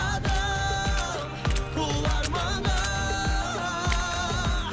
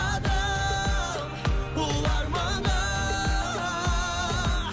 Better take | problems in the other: second | background sound (Water / Splash, splatter); 16 dB below the speech

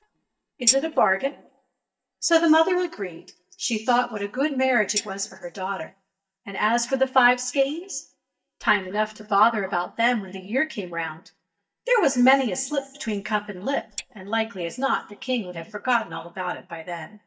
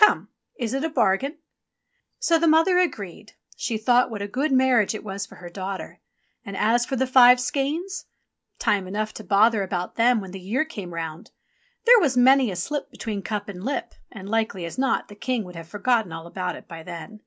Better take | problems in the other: second | noise reduction (neural mask model DeepFilterNet 3)

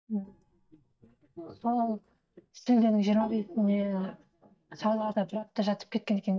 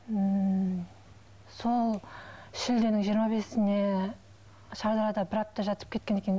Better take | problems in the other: second | noise reduction (neural mask model DeepFilterNet 3)

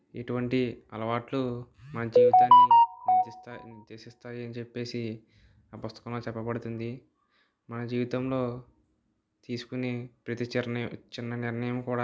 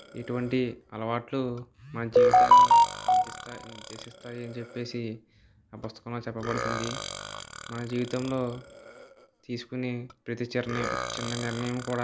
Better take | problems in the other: first | background sound (Burping, eructation); 12 dB below the speech

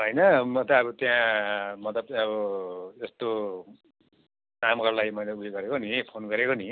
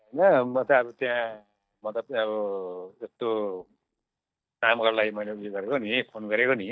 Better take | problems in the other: first | noise reduction (neural mask model DeepFilterNet 3)

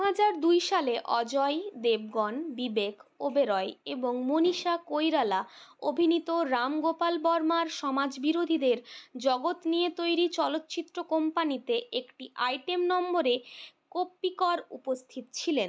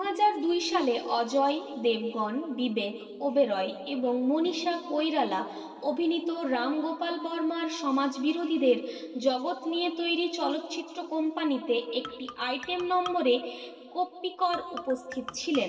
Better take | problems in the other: first | noise reduction (neural separator model SepFormer DNS4)

